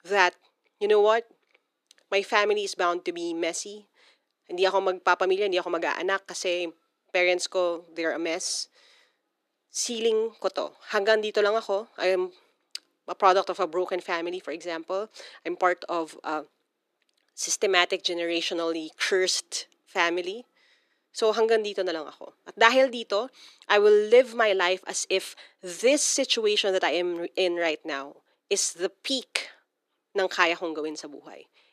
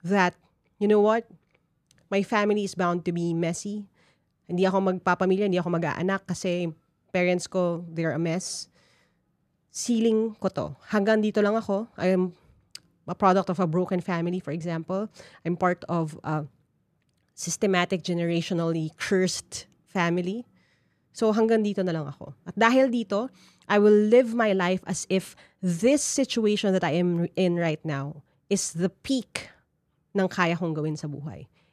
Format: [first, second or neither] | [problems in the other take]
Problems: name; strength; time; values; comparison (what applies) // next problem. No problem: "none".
second | thin; very; fading below 300 Hz